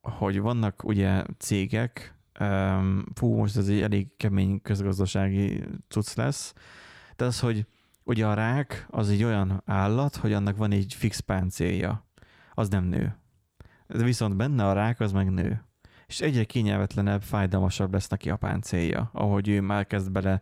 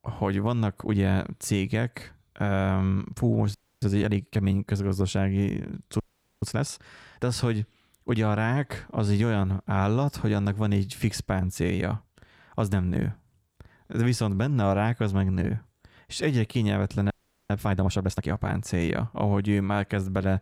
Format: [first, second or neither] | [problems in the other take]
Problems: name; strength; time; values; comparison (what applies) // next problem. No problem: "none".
first | audio freezing; at 3.5 s, at 6 s and at 17 s